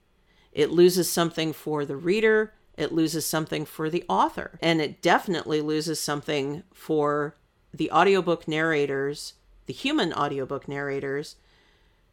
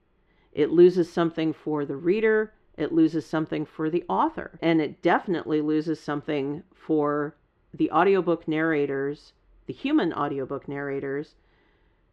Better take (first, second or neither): first